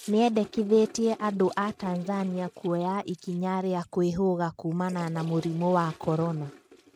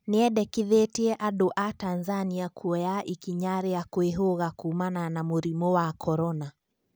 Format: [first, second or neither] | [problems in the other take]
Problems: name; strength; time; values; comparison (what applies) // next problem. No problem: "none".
second | noise reduction (neural mask model RNNoise)